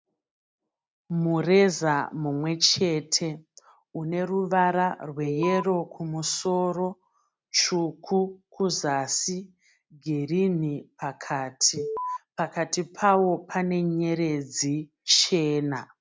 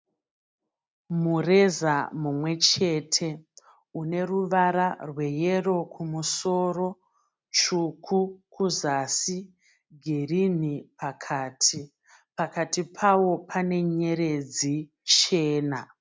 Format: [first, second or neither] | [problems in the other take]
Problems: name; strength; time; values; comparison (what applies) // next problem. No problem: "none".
second | background sound (Alarm); 4 dB below the speech